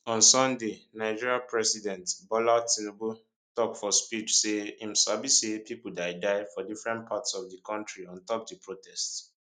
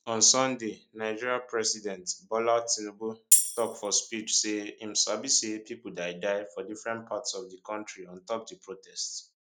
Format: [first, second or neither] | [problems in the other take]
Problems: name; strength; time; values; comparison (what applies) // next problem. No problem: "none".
first | background sound (Tambourine); 4 dB above the speech